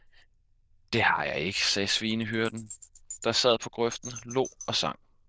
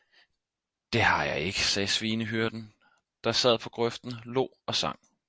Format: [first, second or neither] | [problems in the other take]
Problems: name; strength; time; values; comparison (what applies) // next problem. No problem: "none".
second | noise reduction (neural diffusion model UNIVERSE++)